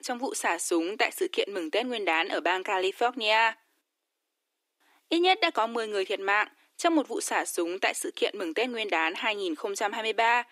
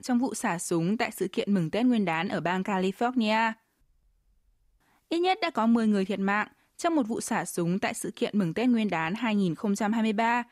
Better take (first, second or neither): second